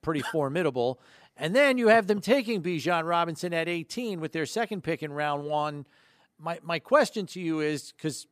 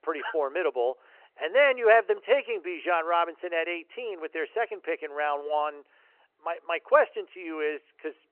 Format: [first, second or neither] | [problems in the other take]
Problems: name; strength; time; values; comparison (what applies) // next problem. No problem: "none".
first | phone-call audio